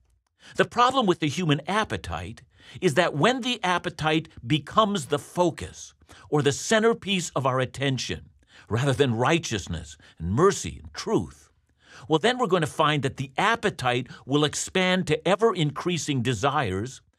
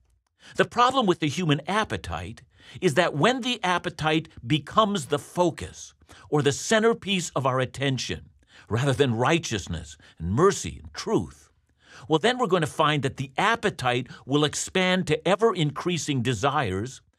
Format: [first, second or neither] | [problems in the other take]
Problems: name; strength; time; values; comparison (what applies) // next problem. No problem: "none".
neither | none